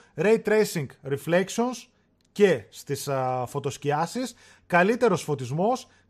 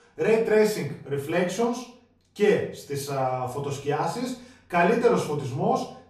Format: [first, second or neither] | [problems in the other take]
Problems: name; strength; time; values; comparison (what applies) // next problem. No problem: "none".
first | off-mic speech; far // room echo; slight; dies away in 0.4 s